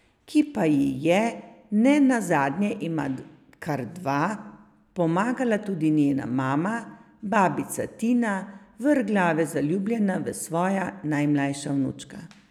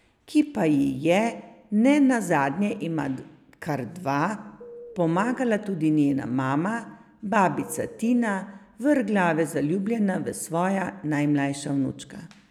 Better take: first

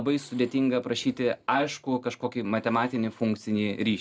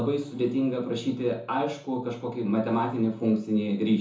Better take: first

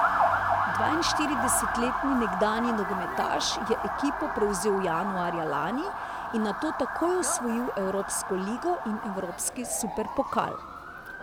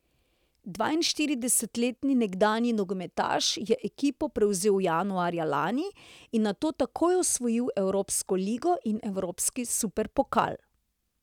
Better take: second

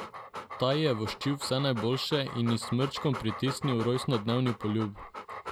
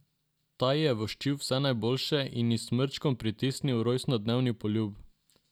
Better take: second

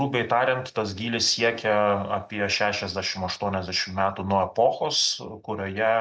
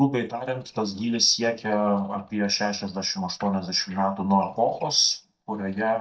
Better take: first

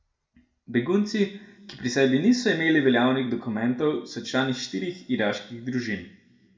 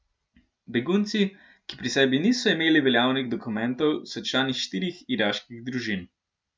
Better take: second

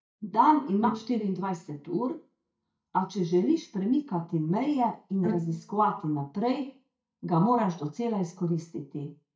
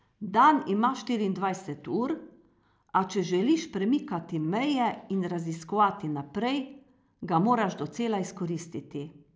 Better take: second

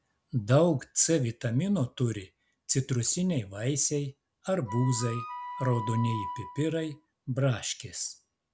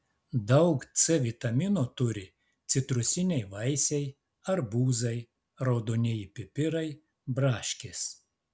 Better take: second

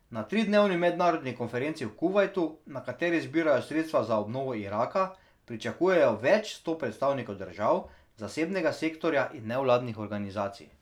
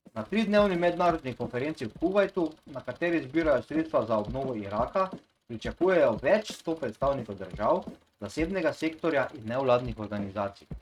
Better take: first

